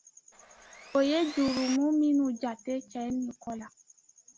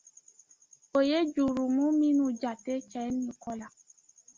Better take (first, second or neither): second